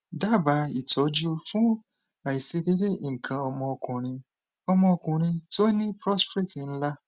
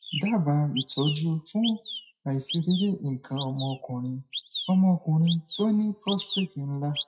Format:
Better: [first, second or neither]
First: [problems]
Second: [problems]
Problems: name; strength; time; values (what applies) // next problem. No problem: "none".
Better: first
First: none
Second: noise reduction (classical method WPE with log-MMSE)